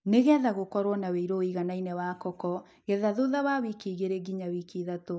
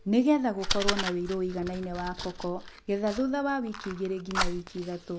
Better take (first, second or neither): first